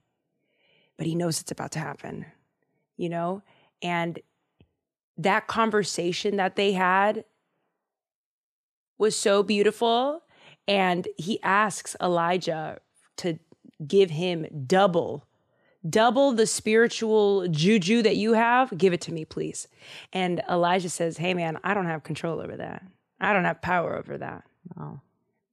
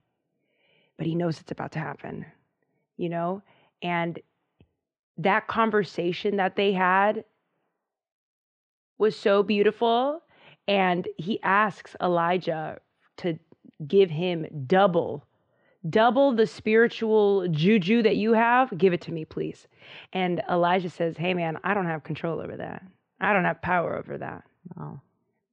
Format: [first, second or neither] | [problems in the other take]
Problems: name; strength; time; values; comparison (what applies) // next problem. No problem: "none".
first | muffled; slightly; fading above 3 kHz